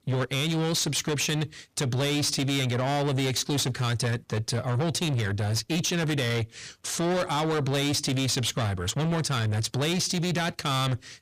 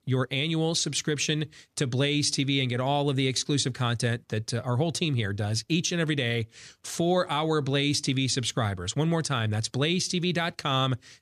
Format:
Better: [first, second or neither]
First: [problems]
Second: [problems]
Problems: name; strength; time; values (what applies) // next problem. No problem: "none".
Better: second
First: distortion; heavy; 8 dB below the speech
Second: none